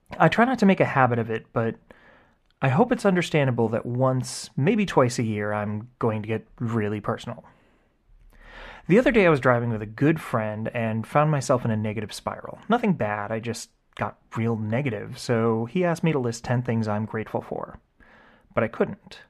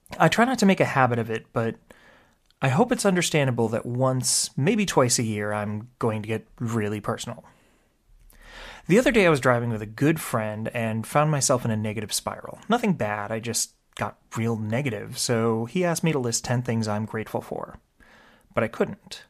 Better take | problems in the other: second | muffled; slightly; fading above 4 kHz

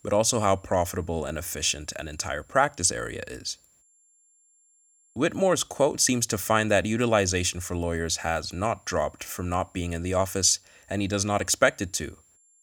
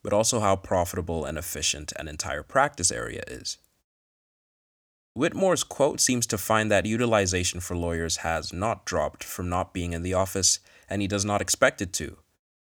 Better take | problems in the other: second | high-pitched whine; faint; throughout; 7.5 kHz, 35 dB below the speech

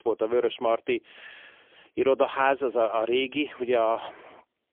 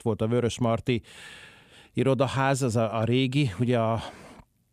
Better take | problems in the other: second | phone-call audio; poor line; nothing above 3.5 kHz

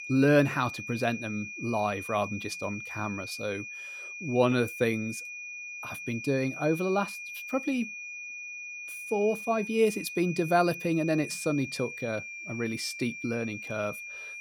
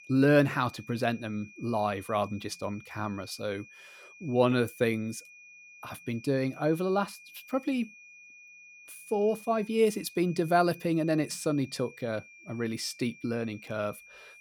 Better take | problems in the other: second | high-pitched whine; loud; throughout; 2.5 kHz, 8 dB below the speech; faint in the second

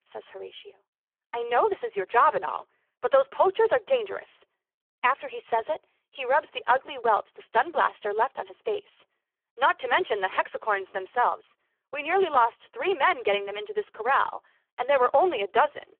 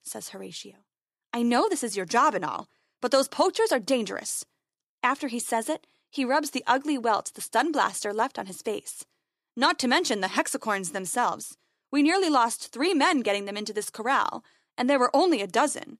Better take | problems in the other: second | phone-call audio; poor line

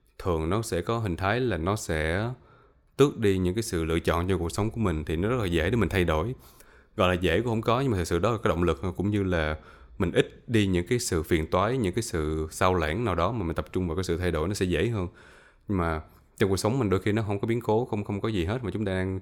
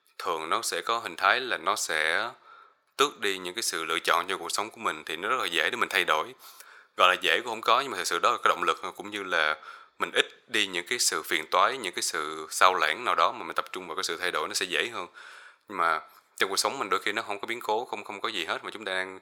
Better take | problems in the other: first | thin; very; fading below 800 Hz

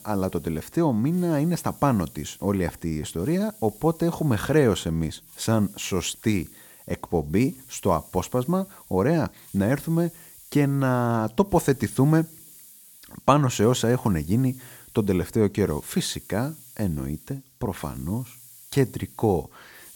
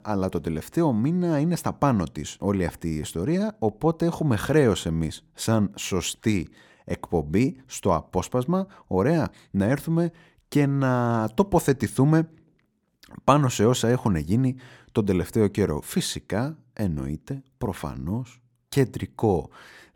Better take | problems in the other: second | hiss; faint; throughout; 20 dB below the speech

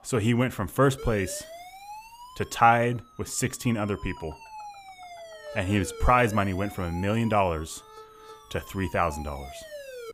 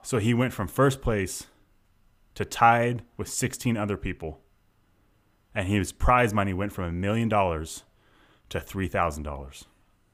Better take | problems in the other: second | siren; faint; from 1 s on; peak 15 dB below the speech

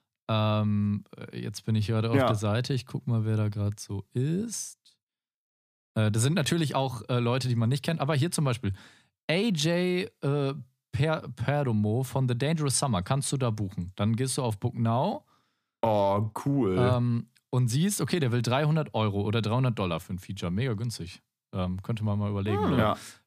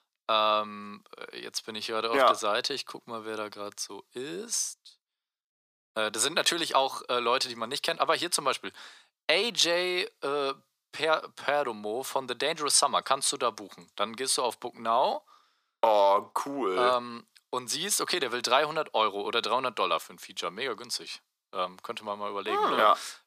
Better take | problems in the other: first | thin; very; fading below 400 Hz

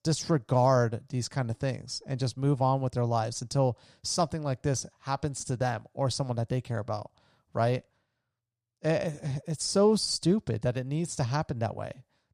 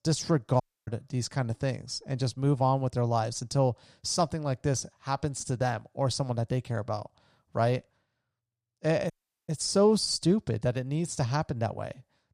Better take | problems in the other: first | audio cutting out; at 0.5 s and at 9 s

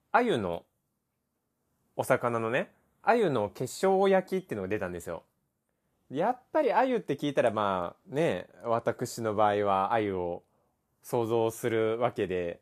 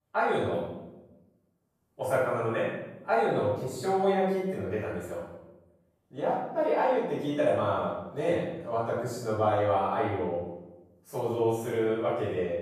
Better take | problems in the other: first | off-mic speech; far // room echo; strong; dies away in 0.8 s

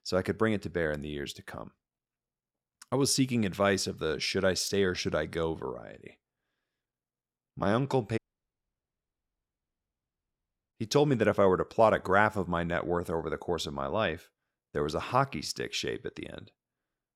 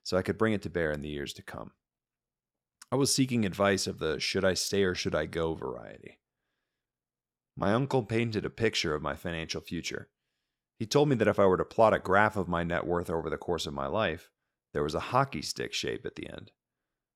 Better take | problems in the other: second | audio cutting out; at 8 s for 2.5 s

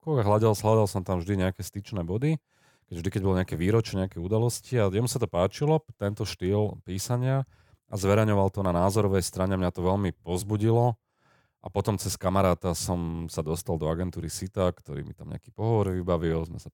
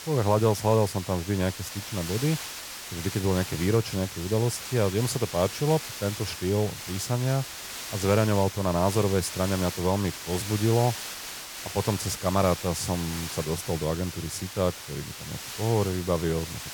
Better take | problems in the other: first | hiss; loud; throughout; 8 dB below the speech

